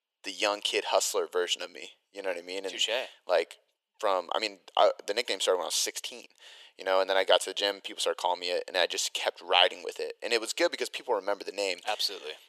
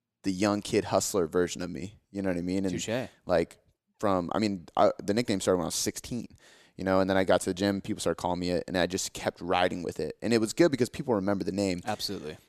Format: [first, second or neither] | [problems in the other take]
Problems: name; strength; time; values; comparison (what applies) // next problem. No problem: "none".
second | thin; very; fading below 500 Hz